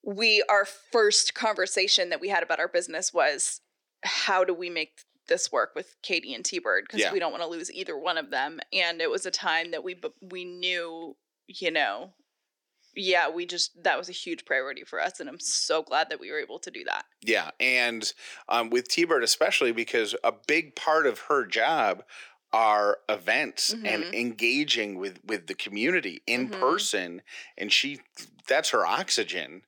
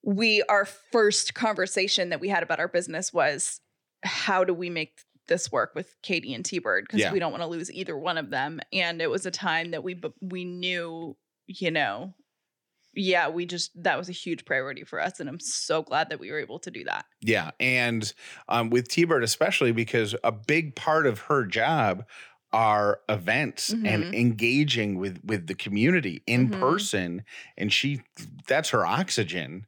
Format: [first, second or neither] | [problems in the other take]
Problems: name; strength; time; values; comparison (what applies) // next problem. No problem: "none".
second | thin; somewhat; fading below 300 Hz